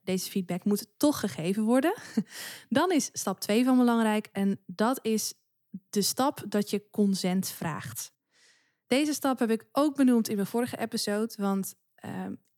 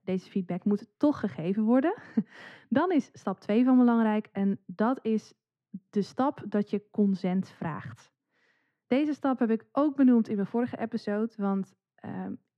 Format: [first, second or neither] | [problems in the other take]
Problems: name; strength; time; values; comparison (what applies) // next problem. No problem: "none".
first | muffled; very; fading above 2 kHz